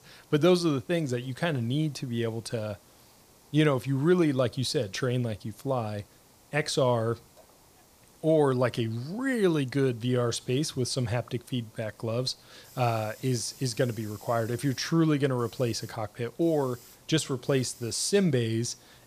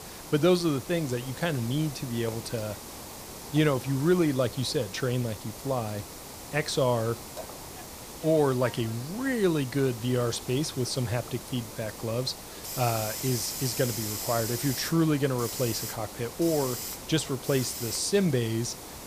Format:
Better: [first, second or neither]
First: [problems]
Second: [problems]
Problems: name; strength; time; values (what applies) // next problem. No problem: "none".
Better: first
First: hiss; faint; throughout; 25 dB below the speech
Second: hiss; loud; throughout; 9 dB below the speech